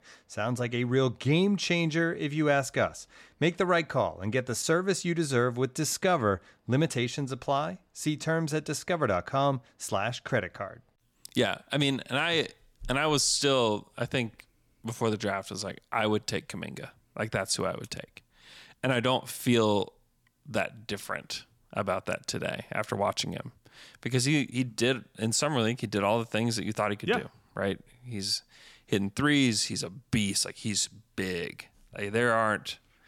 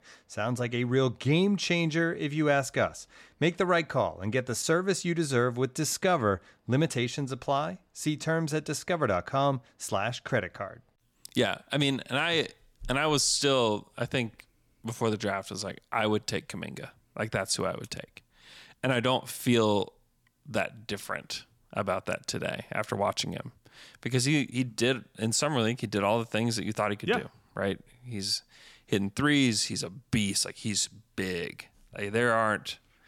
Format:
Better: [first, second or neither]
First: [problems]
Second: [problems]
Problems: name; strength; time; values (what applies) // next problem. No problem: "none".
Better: neither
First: none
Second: none